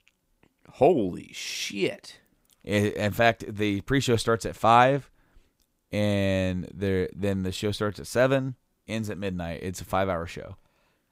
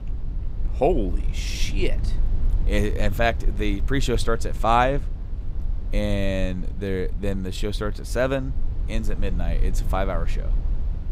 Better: first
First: none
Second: low rumble; faint; throughout; 20 dB below the speech

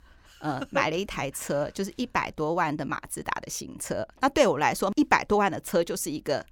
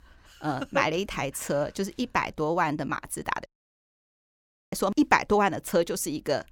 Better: first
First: none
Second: audio cutting out; at 3.5 s for 1.5 s

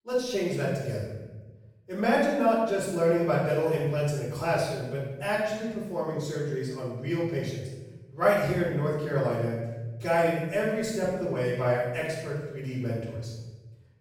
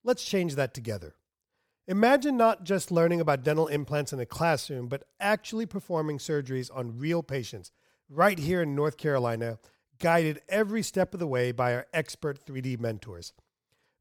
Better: second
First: off-mic speech; far // room echo; strong; dies away in 1 s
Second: none

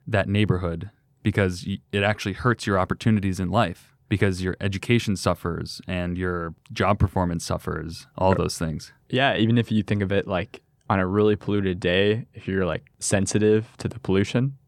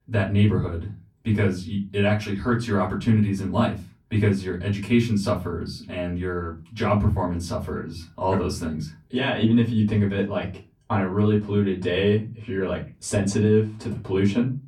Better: first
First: none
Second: off-mic speech; far // room echo; very slight; dies away in 0.3 s

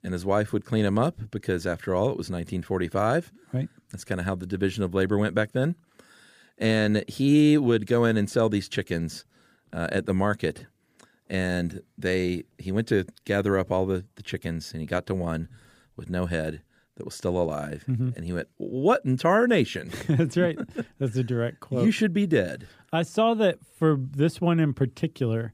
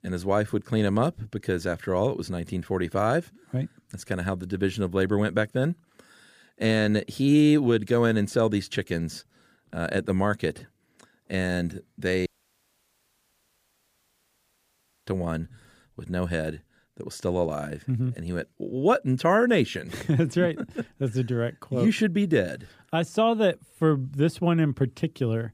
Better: first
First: none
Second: audio cutting out; at 12 s for 3 s

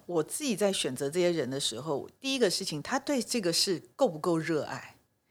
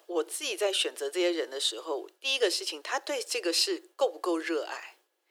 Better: first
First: none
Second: thin; very; fading below 350 Hz

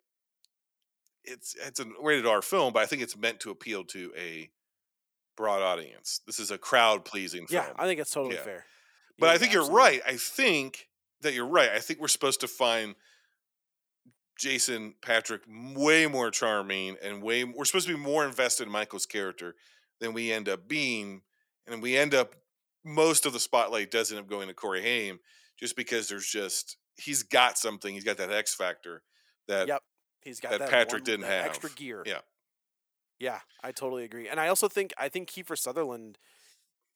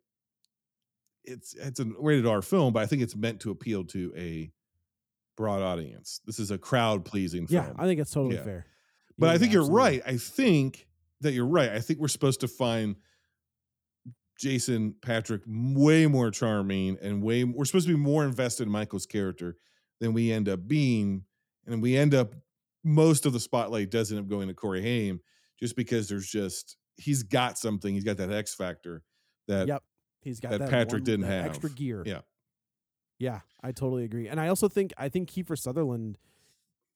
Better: second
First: thin; very; fading below 650 Hz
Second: none

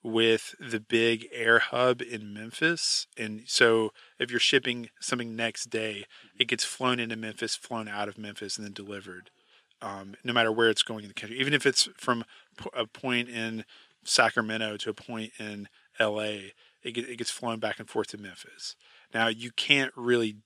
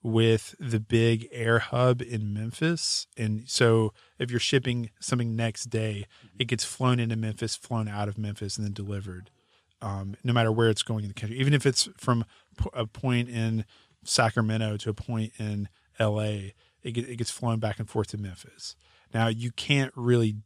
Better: second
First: thin; somewhat; fading below 300 Hz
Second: none

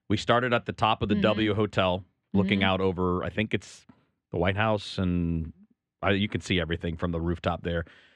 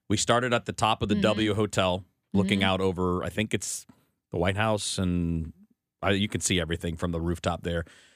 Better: second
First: muffled; slightly; fading above 2.5 kHz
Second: none

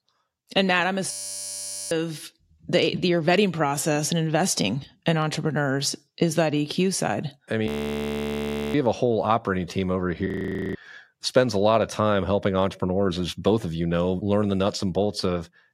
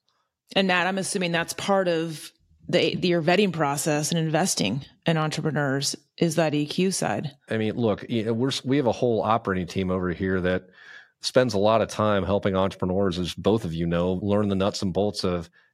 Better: second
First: audio freezing; at 1 s for 1 s, at 7.5 s for 1 s and at 10 s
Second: none

